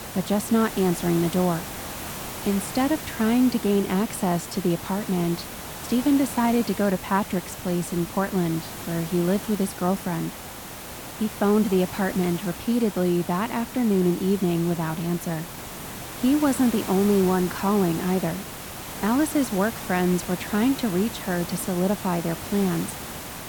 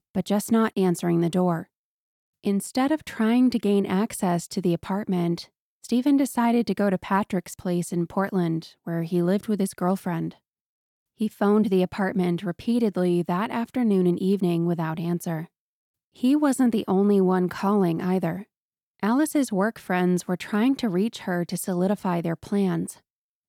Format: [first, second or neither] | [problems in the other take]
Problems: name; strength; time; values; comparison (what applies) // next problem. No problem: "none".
second | hiss; loud; throughout; 10 dB below the speech